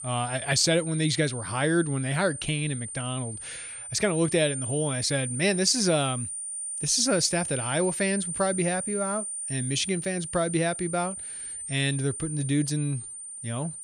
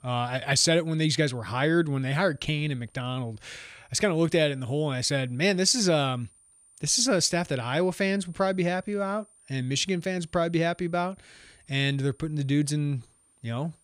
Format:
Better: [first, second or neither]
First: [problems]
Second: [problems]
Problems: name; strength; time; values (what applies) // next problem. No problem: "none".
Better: second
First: high-pitched whine; loud; throughout; 9 kHz, 6 dB below the speech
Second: high-pitched whine; faint; throughout; 9 kHz, 30 dB below the speech